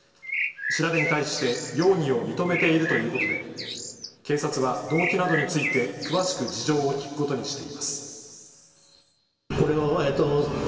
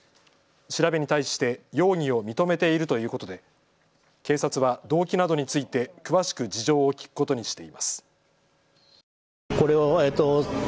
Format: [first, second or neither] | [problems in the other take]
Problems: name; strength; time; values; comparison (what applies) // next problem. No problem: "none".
second | background sound (Bird); 5 dB below the speech // room echo; dies away in 2.5 s